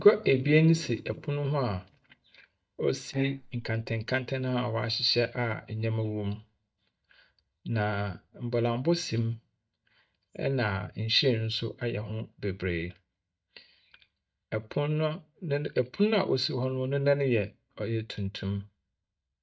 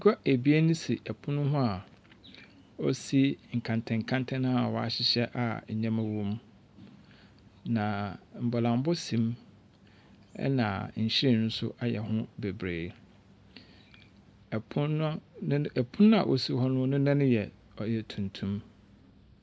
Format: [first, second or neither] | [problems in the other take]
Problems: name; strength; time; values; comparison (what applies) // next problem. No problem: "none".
second | noise reduction (neural mask model DeepFilterNet 3)